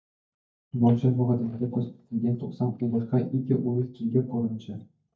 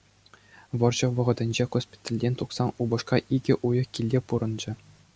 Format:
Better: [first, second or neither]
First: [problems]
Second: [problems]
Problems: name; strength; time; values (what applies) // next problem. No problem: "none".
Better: second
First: noise reduction (neural mask model DeepFilterNet 3)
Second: none